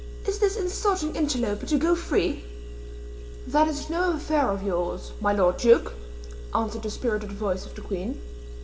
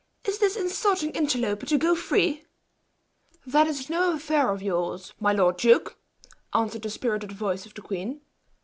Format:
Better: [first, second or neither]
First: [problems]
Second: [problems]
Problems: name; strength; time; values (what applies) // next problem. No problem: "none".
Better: second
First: background sound (Engine); 10 dB below the speech // room echo; dies away in 2.3 s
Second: none